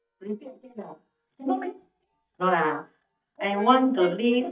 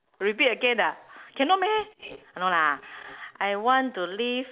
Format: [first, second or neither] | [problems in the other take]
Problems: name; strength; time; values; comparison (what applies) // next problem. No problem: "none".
second | noise reduction (neural mask model DeepFilterNet 3)